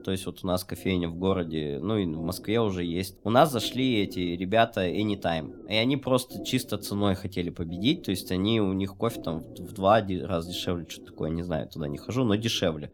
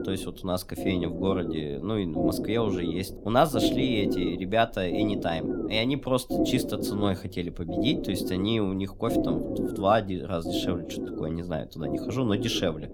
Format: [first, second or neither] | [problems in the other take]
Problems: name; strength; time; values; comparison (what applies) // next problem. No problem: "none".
first | low rumble; loud; throughout; 5 dB below the speech; faint in the first